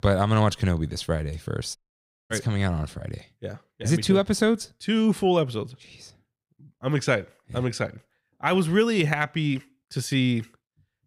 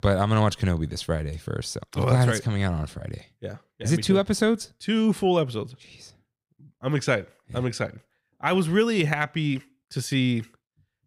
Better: second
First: audio cutting out; at 2 s for 0.5 s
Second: none

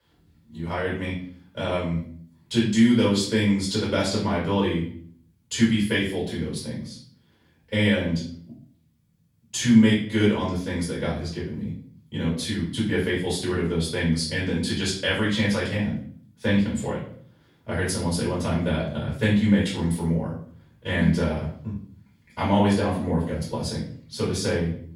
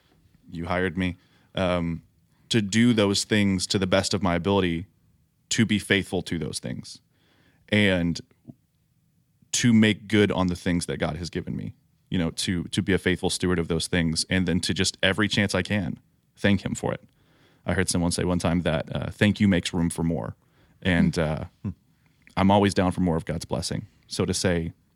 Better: second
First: room echo; noticeable; dies away in 0.5 s // off-mic speech; far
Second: none

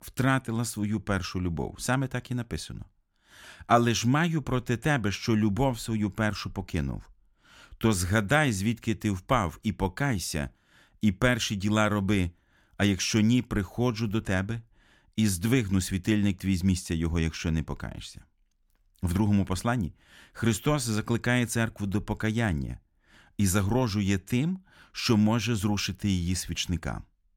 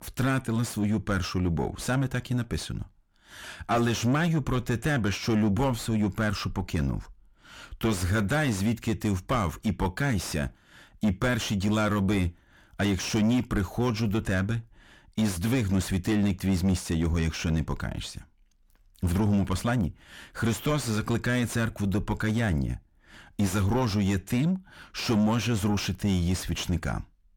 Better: first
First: none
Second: distortion; heavy; 7 dB below the speech

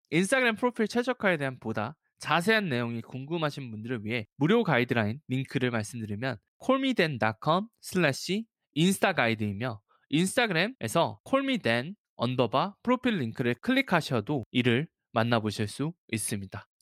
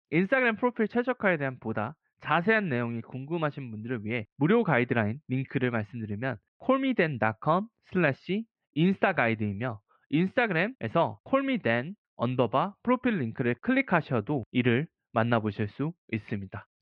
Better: first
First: none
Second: muffled; very; fading above 2.5 kHz

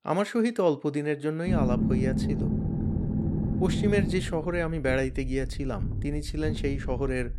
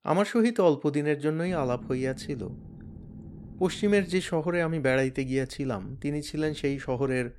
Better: second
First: low rumble; loud; from 1.5 s on; 6 dB below the speech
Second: low rumble; faint; from 1.5 s on; 25 dB below the speech

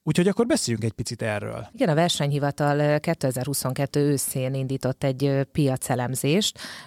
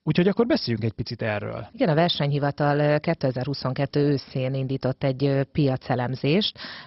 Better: first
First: none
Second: garbled, watery; badly; nothing above 5.5 kHz

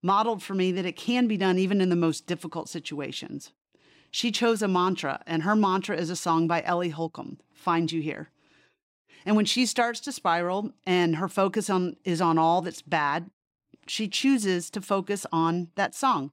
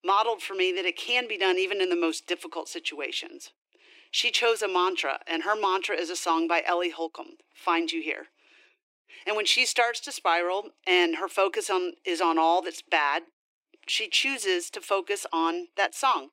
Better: first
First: none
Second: thin; very; fading below 350 Hz

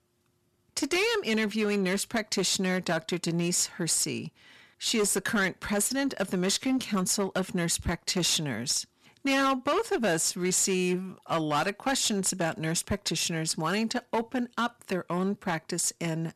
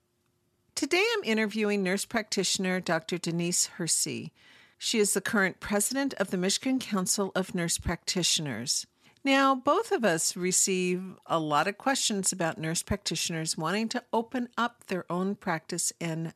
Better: second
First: distortion; slight; 8% of the sound clipped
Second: none

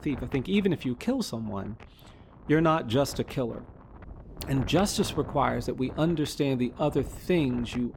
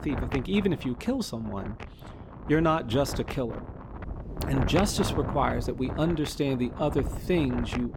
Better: first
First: wind noise on the microphone; occasional gusts; 15 dB below the speech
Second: wind noise on the microphone; heavy; 9 dB below the speech

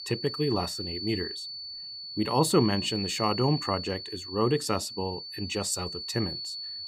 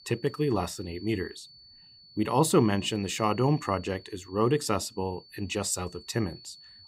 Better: second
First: high-pitched whine; loud; throughout; 4.5 kHz, 6 dB below the speech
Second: high-pitched whine; faint; throughout; 4.5 kHz, 20 dB below the speech

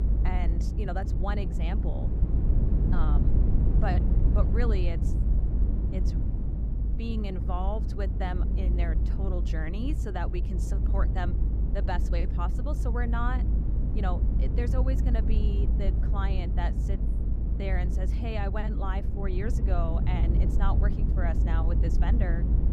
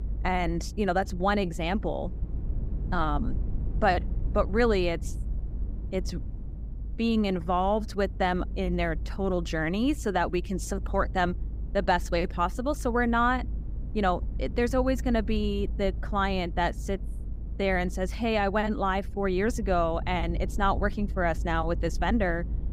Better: second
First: low rumble; loud; throughout; 5 dB below the speech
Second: low rumble; faint; throughout; 25 dB below the speech

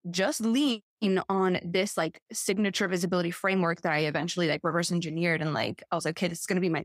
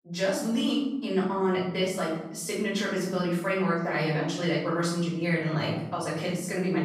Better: first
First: none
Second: off-mic speech; far // room echo; noticeable; dies away in 1 s

